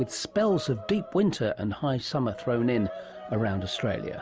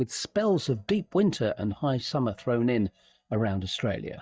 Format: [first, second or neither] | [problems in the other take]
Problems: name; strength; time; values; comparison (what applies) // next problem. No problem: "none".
first | noise reduction (neural mask model DeepFilterNet 3)